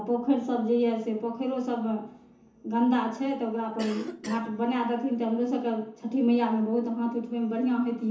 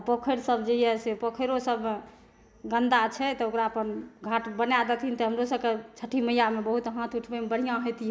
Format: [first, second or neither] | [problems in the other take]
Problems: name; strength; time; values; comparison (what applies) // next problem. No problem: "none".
second | background sound (Cough); 14 dB below the speech // room echo; dies away in 0.9 s